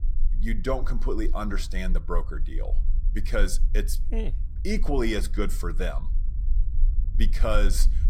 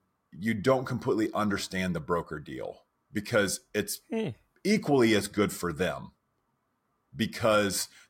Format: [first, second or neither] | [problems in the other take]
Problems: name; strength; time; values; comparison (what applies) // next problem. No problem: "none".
second | low rumble; faint; throughout; 20 dB below the speech